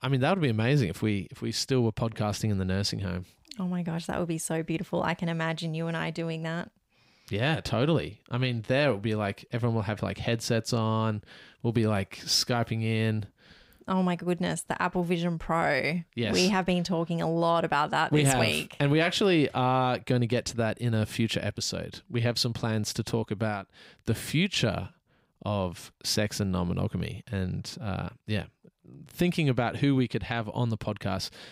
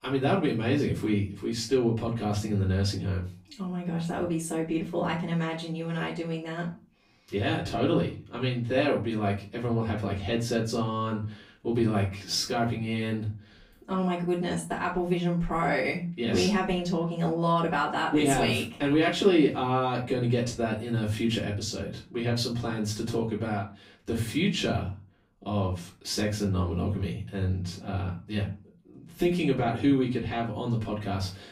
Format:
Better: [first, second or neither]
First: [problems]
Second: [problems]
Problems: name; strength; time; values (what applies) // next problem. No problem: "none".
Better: first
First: none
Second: off-mic speech; far // room echo; slight; dies away in 0.3 s